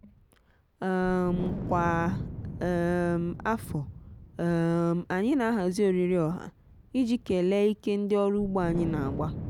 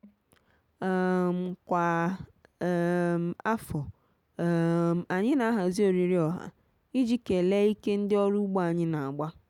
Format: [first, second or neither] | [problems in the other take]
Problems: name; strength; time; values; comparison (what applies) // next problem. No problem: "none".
second | background sound (Wind); 11 dB below the speech